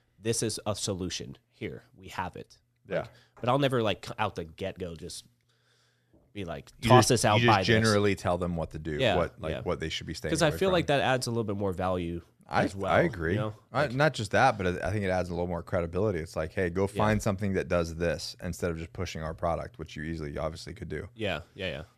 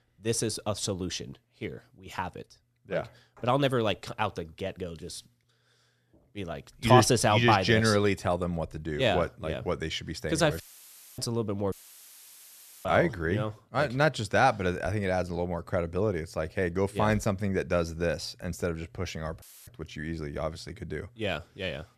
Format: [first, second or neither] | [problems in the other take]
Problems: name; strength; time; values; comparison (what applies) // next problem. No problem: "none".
first | audio cutting out; filled with static; at 11 s for 0.5 s, at 12 s for 1 s and at 19 s